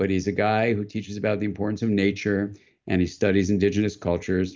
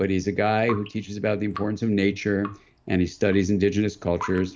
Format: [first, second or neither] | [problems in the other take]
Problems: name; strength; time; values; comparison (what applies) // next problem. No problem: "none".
first | background sound (Drip); 18 dB below the speech